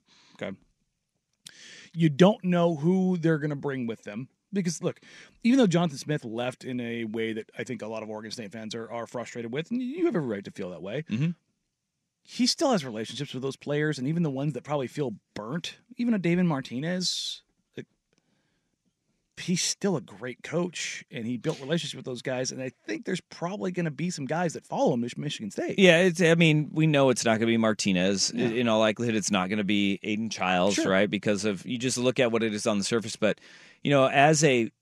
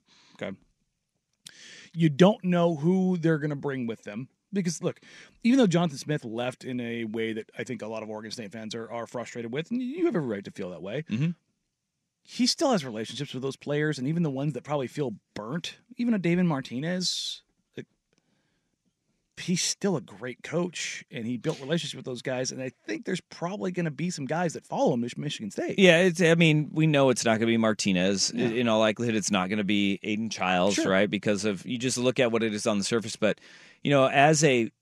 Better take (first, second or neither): neither